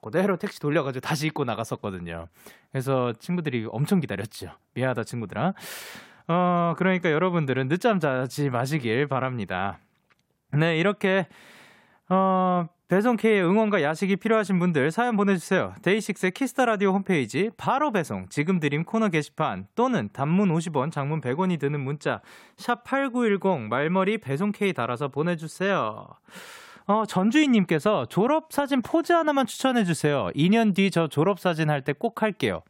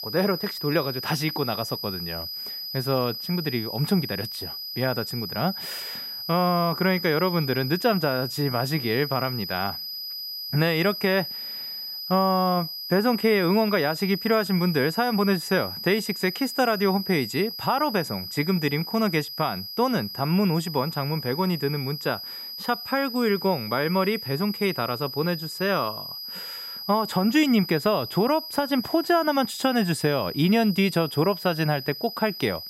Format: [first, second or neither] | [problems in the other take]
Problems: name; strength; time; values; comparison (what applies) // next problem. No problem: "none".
first | high-pitched whine; loud; throughout; 5 kHz, 8 dB below the speech